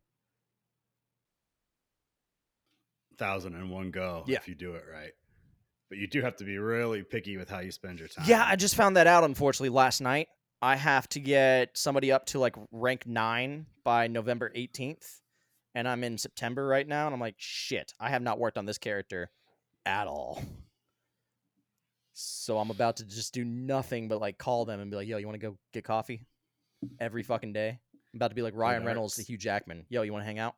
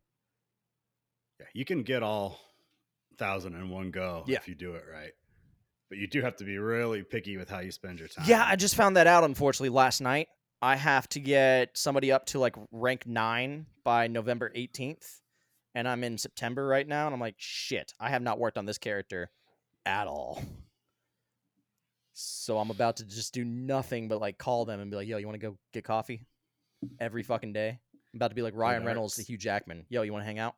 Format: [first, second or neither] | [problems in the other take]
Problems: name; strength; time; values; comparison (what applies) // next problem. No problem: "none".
second | audio cutting out; at 1.5 s for 1.5 s